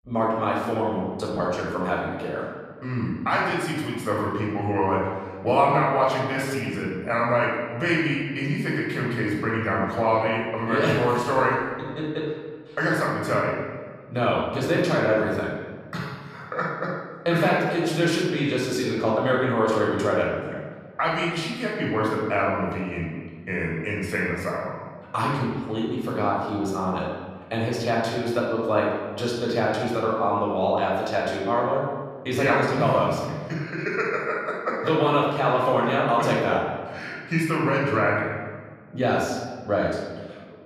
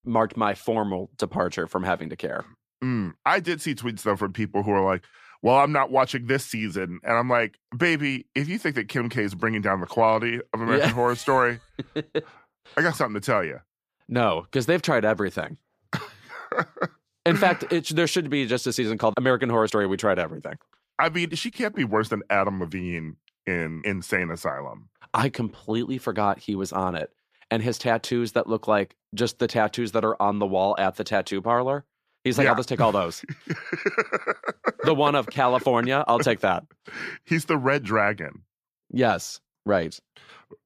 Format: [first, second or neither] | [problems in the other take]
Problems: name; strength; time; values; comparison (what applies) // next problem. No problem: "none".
second | off-mic speech; far // room echo; noticeable; dies away in 1.4 s